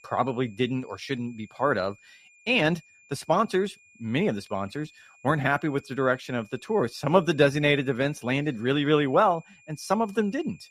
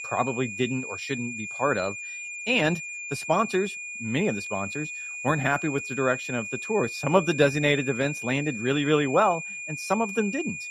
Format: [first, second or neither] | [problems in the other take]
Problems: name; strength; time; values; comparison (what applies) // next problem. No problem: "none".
first | high-pitched whine; loud; throughout; 2.5 kHz, 7 dB below the speech; faint in the first